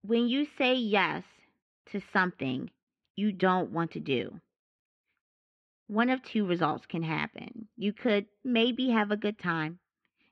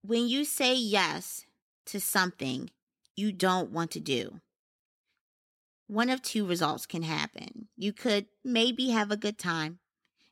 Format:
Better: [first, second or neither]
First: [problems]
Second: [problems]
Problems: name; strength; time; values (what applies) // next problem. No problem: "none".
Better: second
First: muffled; very; fading above 2.5 kHz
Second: none